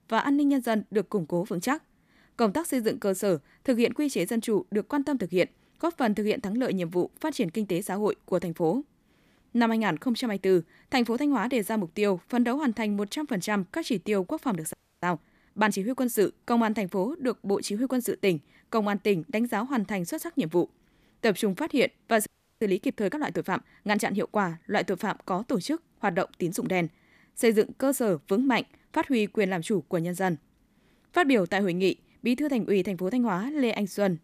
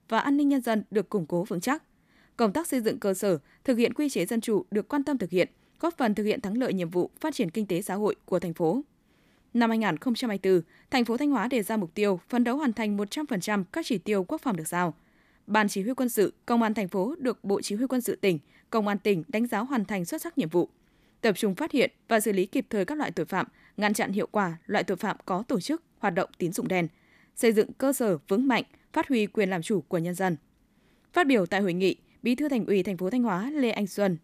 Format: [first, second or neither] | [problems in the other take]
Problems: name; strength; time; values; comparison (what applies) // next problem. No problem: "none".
second | audio freezing; at 15 s and at 22 s